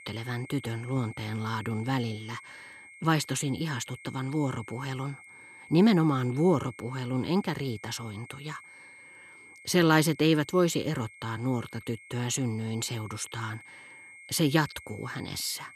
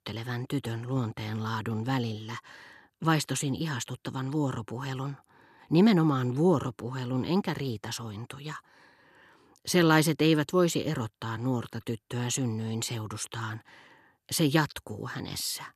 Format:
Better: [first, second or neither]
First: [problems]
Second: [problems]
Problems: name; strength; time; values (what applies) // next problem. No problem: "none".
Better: second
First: high-pitched whine; noticeable; throughout; 2 kHz, 20 dB below the speech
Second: none